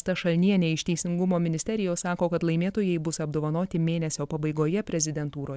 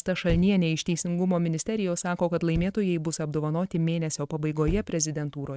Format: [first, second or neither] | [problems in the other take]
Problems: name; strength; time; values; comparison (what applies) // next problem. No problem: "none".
first | noise reduction (neural mask model RNNoise)